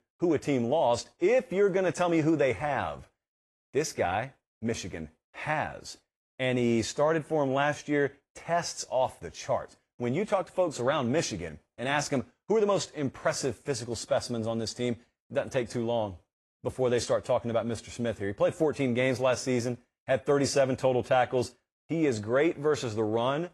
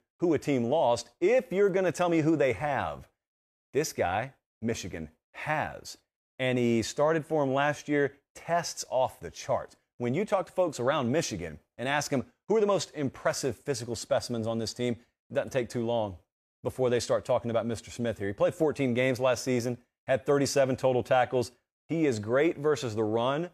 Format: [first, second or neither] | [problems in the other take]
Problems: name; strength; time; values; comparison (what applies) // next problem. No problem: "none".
second | garbled, watery; slightly; nothing above 11.5 kHz